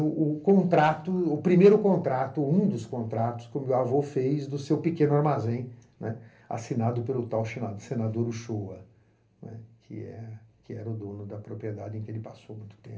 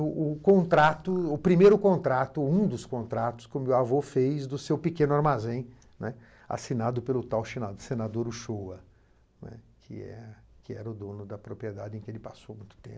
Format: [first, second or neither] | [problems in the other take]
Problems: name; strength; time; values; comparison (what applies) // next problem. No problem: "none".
second | room echo; dies away in 0.3 s